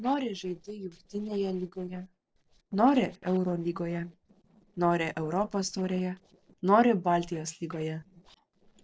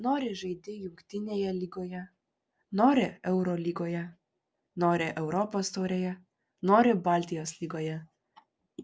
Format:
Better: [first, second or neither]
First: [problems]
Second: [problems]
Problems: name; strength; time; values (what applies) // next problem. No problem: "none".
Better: second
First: noise reduction (neural separator model SepFormer DNS4)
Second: none